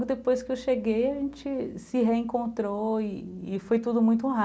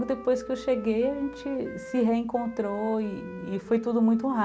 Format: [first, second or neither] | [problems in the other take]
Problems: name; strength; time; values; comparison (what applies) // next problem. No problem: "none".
first | background sound (Wind instrument, woodwind instrument); 17 dB below the speech